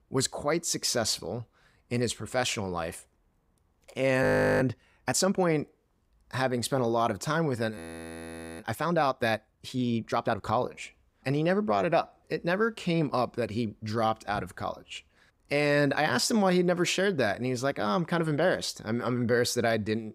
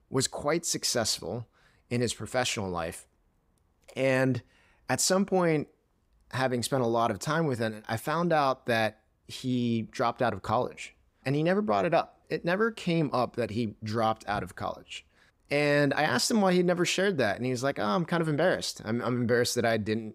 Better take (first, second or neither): second